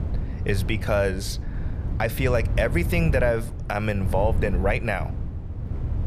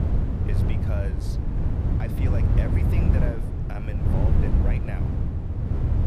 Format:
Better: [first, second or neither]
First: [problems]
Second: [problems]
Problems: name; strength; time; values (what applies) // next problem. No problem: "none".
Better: first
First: wind noise on the microphone; occasional gusts; 15 dB below the speech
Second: wind noise on the microphone; heavy; 3 dB above the speech